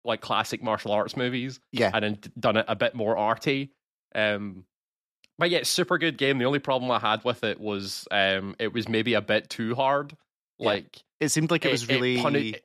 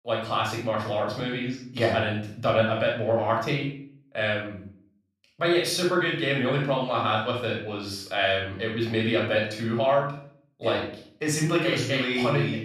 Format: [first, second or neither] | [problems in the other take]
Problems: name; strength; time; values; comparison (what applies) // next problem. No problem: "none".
first | off-mic speech; far // room echo; noticeable; dies away in 0.5 s